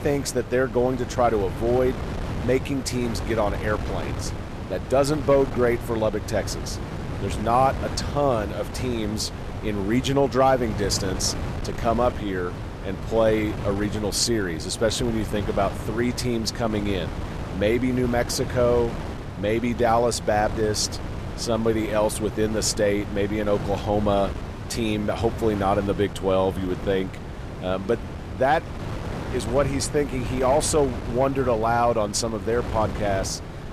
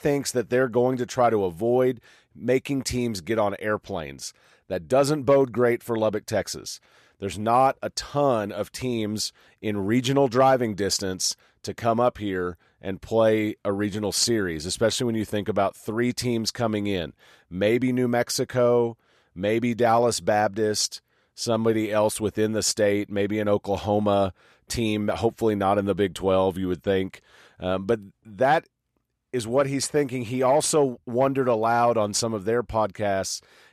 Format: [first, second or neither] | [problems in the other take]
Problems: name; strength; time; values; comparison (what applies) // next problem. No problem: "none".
second | wind noise on the microphone; occasional gusts; 10 dB below the speech